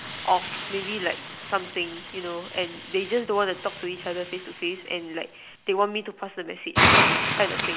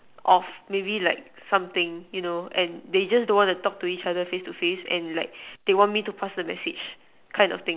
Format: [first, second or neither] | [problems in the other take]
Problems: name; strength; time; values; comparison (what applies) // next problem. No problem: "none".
second | background sound (Hiss); 1 dB above the speech